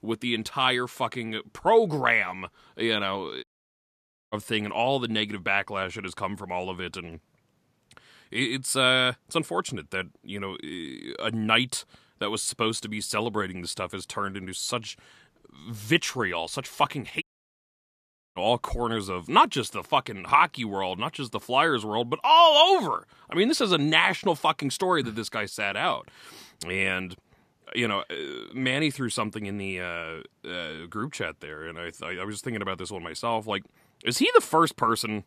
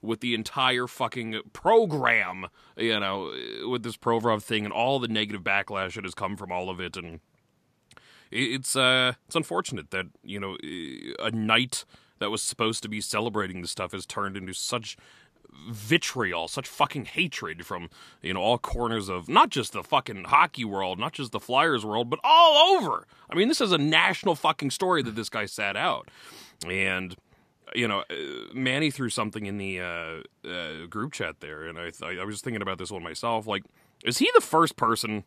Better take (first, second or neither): second